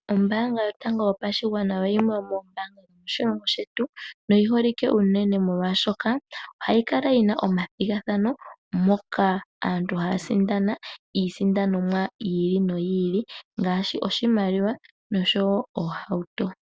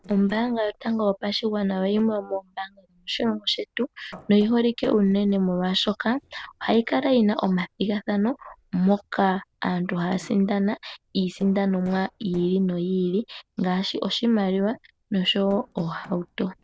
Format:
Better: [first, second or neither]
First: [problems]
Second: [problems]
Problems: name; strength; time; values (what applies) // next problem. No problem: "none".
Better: first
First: none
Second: noise reduction (neural separator model SepFormer DNS4)